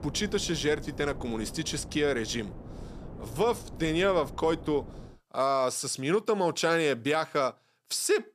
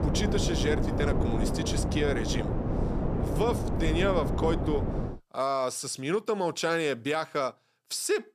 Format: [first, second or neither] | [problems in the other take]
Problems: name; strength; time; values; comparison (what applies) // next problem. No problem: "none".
first | wind noise on the microphone; heavy; until 5 s; 5 dB below the speech; occasional gusts in the first